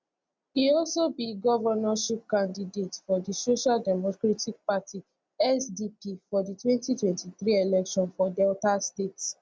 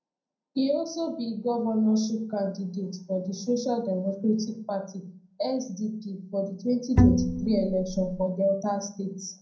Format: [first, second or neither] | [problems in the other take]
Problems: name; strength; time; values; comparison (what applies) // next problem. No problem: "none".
first | background sound (Bowed string instrument); 4 dB above the speech // room echo; dies away in 0.5 s